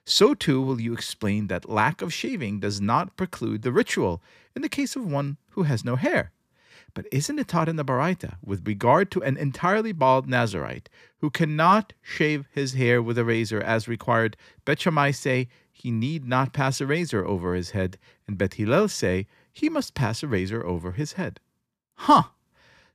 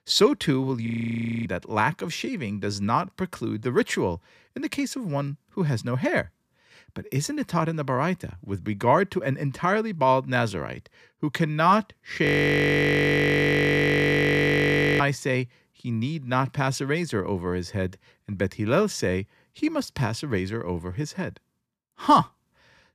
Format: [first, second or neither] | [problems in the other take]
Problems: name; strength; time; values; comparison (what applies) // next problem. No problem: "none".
first | audio freezing; at 1 s for 0.5 s and at 12 s for 3 s